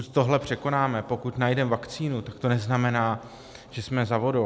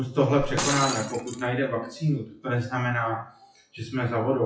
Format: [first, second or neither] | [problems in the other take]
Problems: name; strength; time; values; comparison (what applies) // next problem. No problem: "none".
first | noise reduction (classical method WPE with log-MMSE)